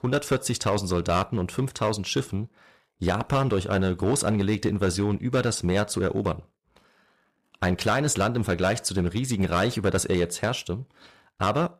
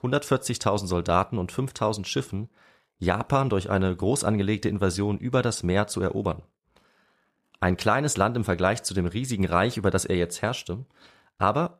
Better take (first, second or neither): second